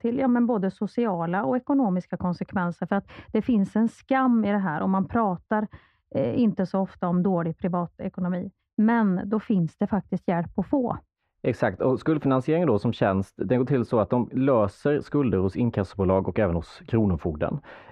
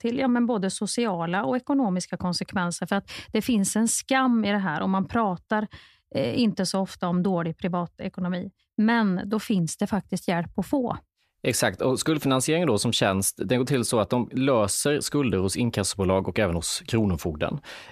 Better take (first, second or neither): second